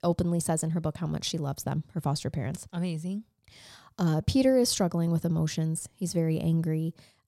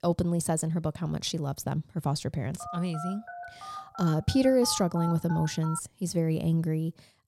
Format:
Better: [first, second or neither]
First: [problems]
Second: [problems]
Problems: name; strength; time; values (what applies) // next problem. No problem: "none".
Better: first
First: none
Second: phone ringing; noticeable; from 2.5 to 6 s; peak 9 dB below the speech